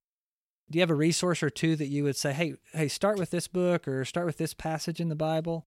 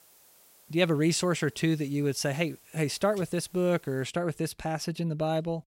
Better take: first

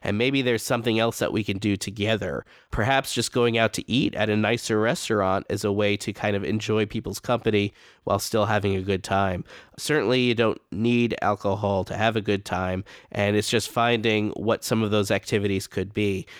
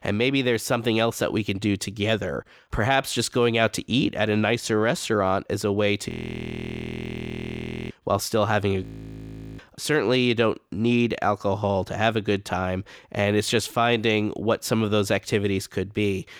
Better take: first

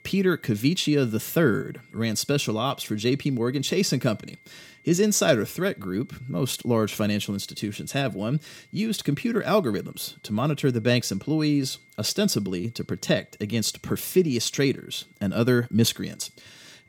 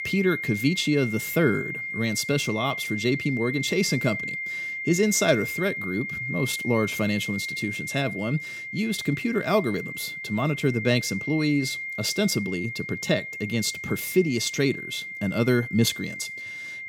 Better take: first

